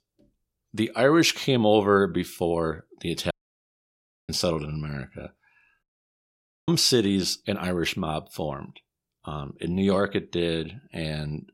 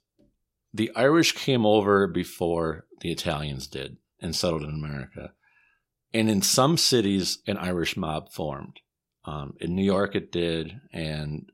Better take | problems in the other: second | audio cutting out; at 3.5 s for 1 s and at 6 s for 1 s

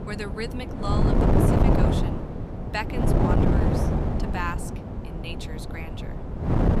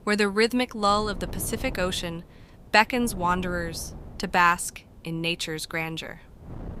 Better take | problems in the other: second | wind noise on the microphone; heavy; 4 dB above the speech; occasional gusts in the second

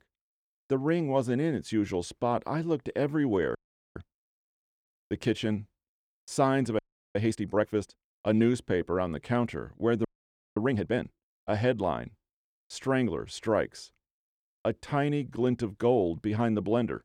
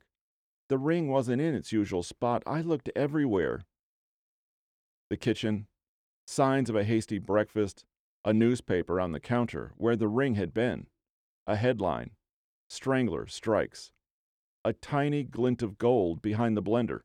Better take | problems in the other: second | audio freezing; at 3.5 s, at 7 s and at 10 s for 0.5 s

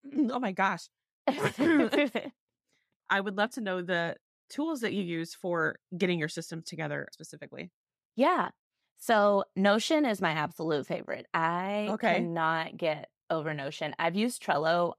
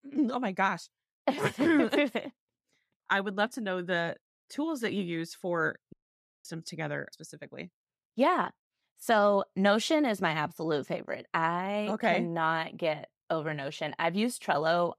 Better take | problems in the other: first | audio cutting out; at 6 s for 0.5 s

